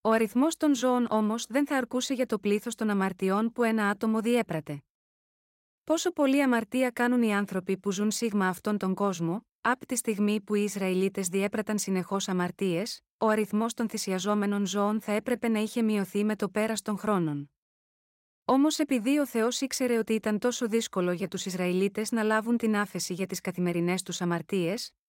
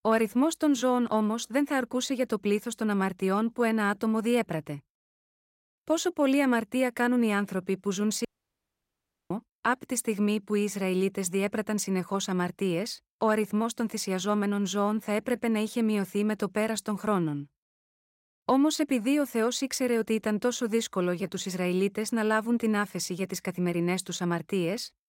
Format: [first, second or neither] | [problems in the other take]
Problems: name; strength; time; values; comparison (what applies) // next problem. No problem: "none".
first | audio cutting out; at 8.5 s for 1 s